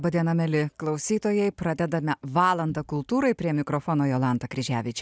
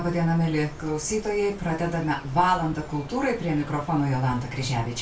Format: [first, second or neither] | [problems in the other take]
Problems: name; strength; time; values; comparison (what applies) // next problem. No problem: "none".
first | background sound (Bird); 15 dB below the speech // room echo; dies away in 0.2 s